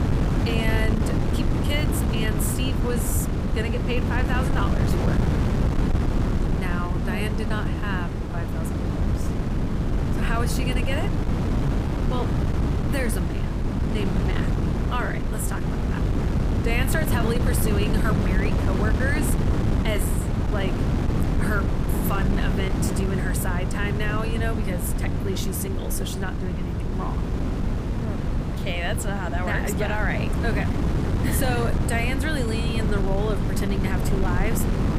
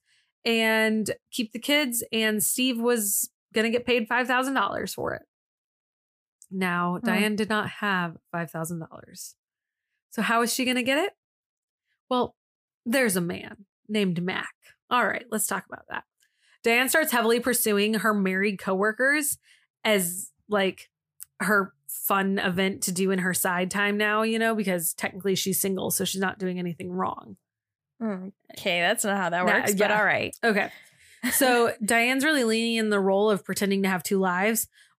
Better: second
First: wind noise on the microphone; heavy; 2 dB below the speech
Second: none

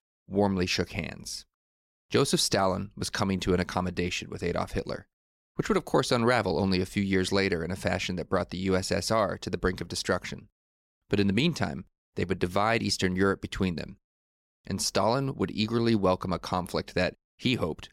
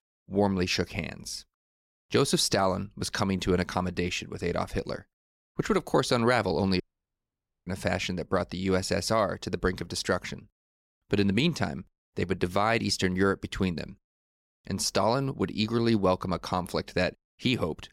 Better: first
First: none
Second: audio cutting out; at 7 s for 1 s

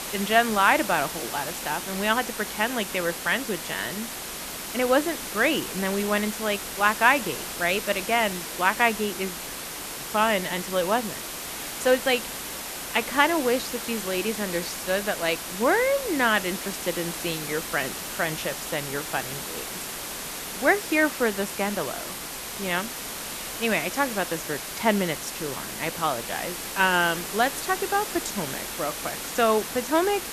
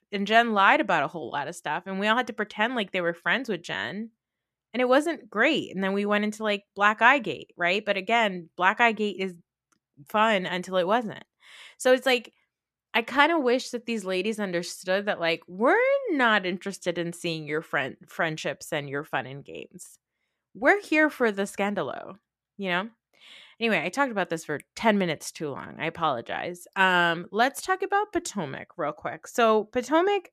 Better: second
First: hiss; loud; throughout; 6 dB below the speech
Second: none

